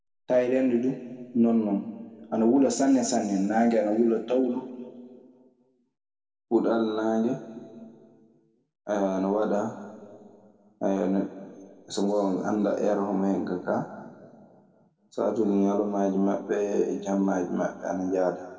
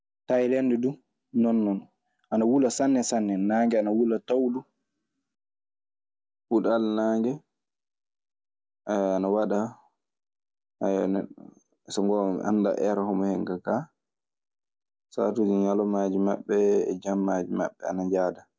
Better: second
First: room echo; dies away in 1.8 s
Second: none

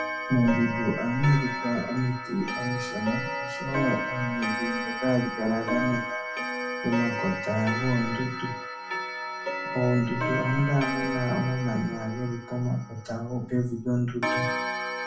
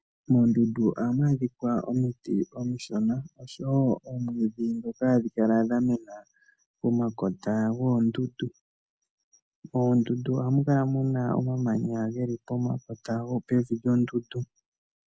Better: second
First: background sound (Clock); 4 dB below the speech // room echo; dies away in 0.3 s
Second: none

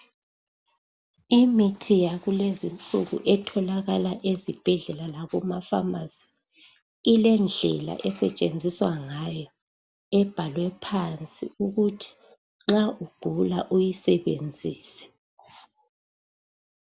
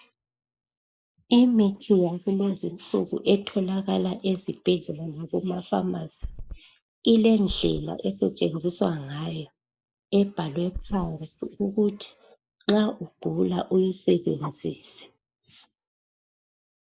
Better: first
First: none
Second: noise reduction (neural mask model Resemble Enhance denoiser)

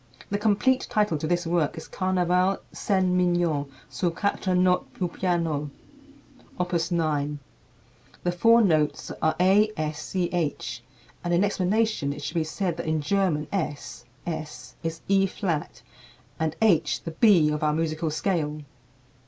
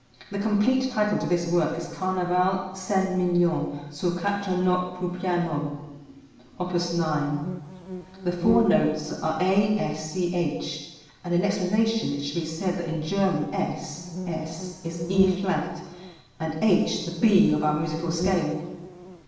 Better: first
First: none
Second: background sound (Insect); 8 dB below the speech // room echo; dies away in 0.9 s

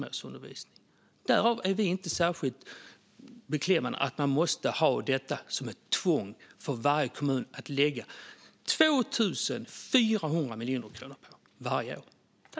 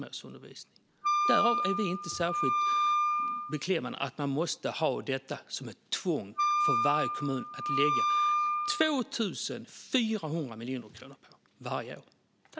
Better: first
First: none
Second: background sound (Wind instrument, woodwind instrument); 4 dB above the speech

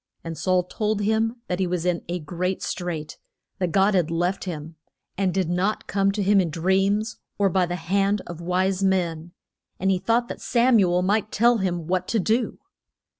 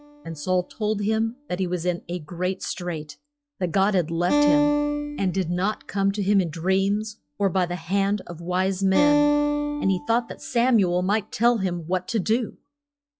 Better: first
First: none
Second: noise reduction (classical method log-MMSE)

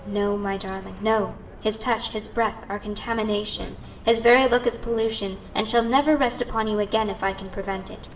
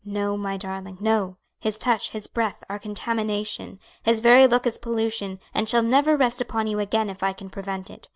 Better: second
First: background sound (Car); 16 dB below the speech // room echo; dies away in 0.8 s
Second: none

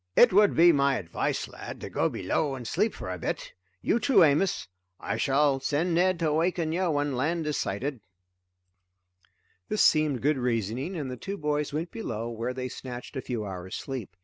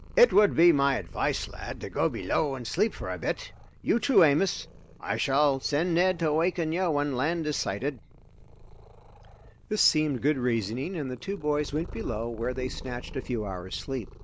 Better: first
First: none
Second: background sound (Purr); 16 dB below the speech

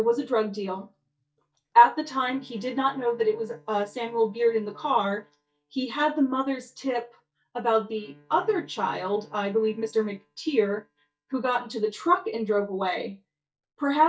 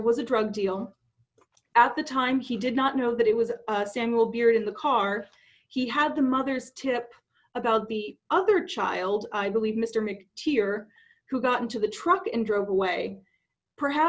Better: second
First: noise reduction (neural mask model DeepFilterNet 3)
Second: none

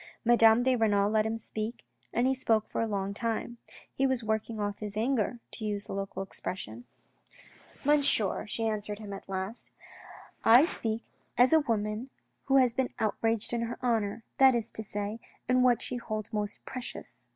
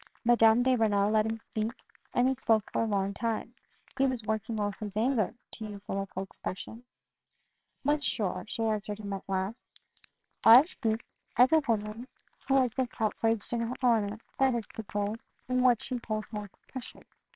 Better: first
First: none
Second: noise reduction (neural separator model SepFormer WHAMR!)

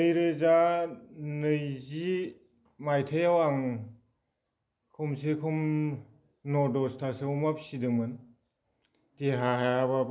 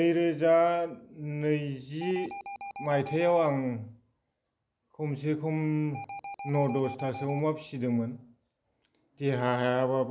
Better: first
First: none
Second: background sound (Alarm); 11 dB below the speech

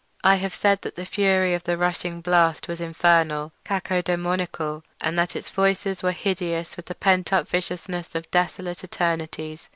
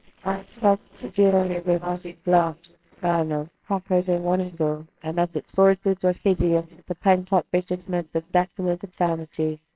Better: first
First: none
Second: noise reduction (neural separator model SepFormer WHAMR!)

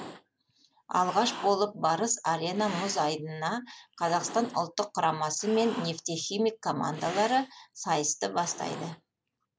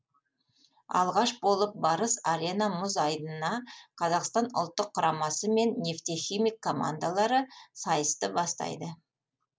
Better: second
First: background sound (Cat); 15 dB below the speech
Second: none

